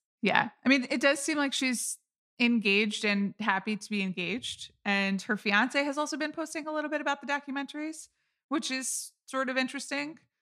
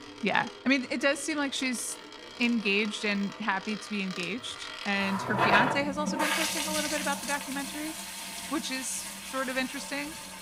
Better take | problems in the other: first | household noises; loud; throughout; 3 dB below the speech

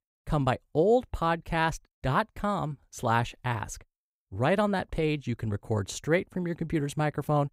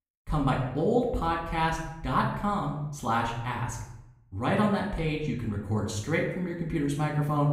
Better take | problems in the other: first | room echo; noticeable; dies away in 0.7 s // off-mic speech; far

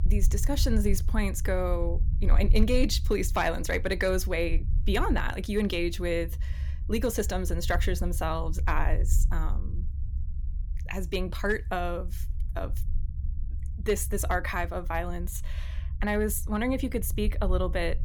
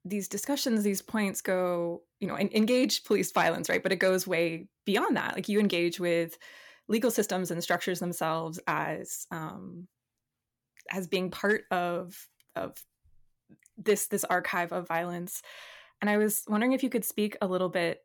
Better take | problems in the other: second | low rumble; faint; throughout; 20 dB below the speech

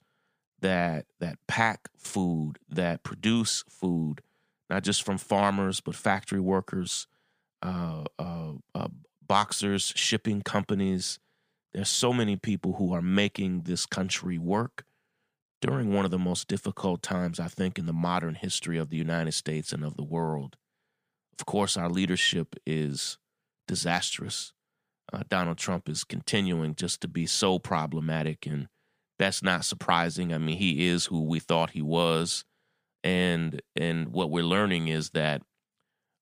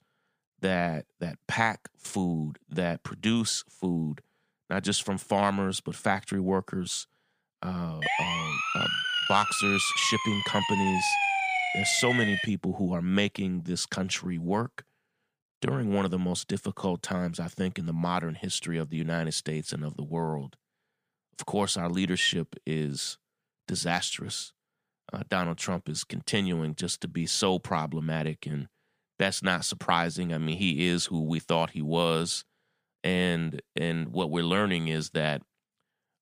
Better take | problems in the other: first | siren; loud; from 8 to 12 s; peak 5 dB above the speech

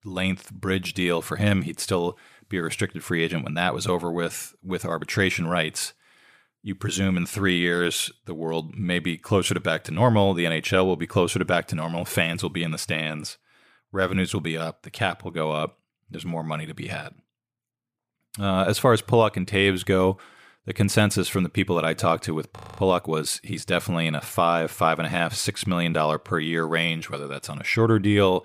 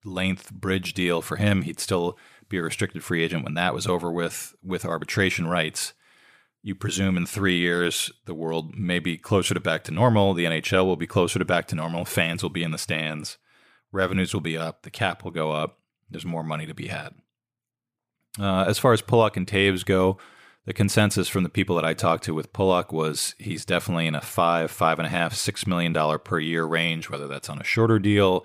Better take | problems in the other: second | audio freezing; at 23 s

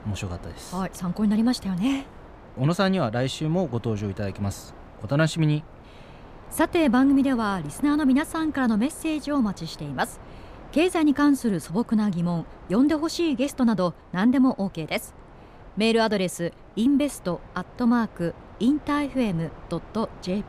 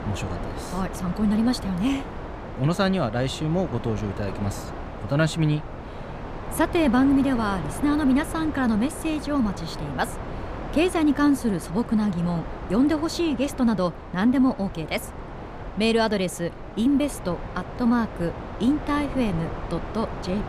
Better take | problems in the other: first | wind noise on the microphone; heavy; 10 dB below the speech; occasional gusts in the first

